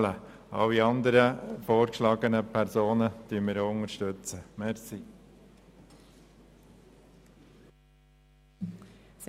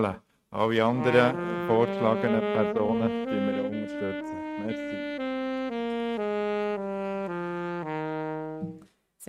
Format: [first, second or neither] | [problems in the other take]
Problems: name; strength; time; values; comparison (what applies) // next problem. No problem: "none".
first | noise reduction (neural mask model RNNoise)